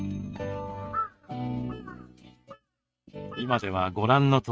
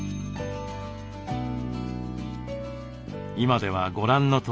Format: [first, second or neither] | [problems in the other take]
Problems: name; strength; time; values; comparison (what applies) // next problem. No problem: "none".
second | noise reduction (neural mask model RNNoise)